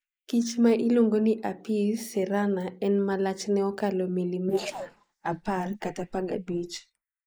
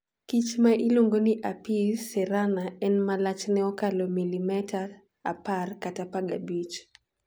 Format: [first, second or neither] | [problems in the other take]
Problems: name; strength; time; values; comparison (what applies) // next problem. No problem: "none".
second | noise reduction (neural mask model Resemble Enhance denoiser)